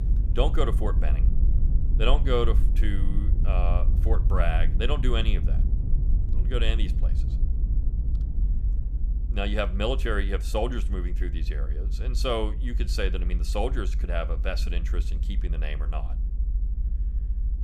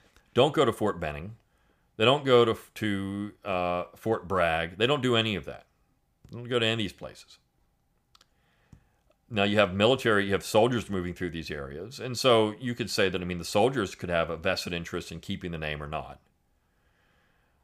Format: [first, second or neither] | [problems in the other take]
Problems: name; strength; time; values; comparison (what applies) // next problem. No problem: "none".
second | low rumble; noticeable; throughout; 15 dB below the speech